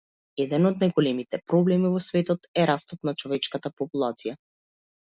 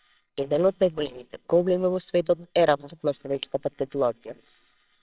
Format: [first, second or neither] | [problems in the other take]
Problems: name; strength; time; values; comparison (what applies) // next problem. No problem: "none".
first | noise reduction (neural separator model SepFormer WHAMR!)